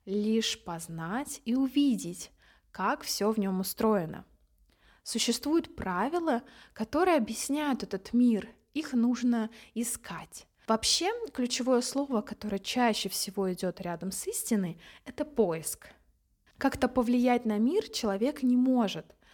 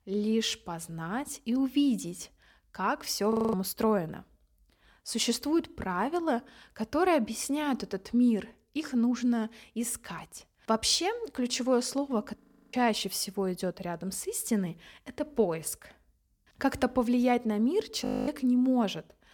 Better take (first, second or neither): first